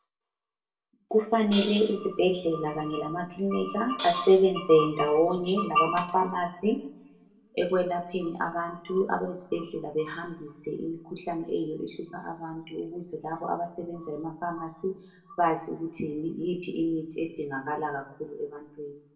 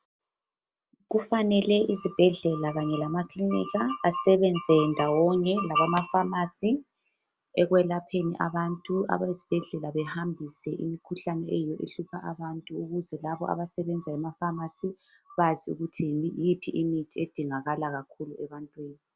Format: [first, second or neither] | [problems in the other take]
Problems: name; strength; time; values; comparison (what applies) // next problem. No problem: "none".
second | background sound (Hi-hat); 11 dB below the speech // room echo; dies away in 0.6 s